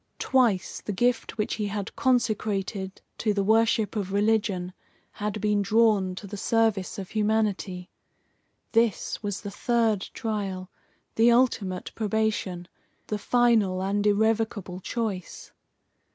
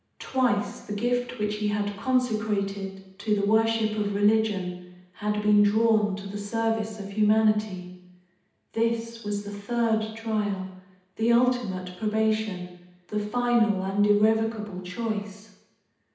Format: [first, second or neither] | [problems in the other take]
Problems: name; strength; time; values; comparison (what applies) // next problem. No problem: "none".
first | room echo; dies away in 0.9 s